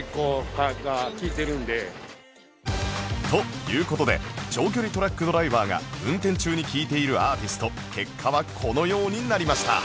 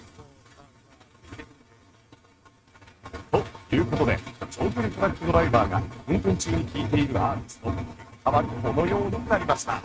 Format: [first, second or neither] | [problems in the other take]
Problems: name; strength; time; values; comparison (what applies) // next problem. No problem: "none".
first | noise reduction (neural mask model RNNoise)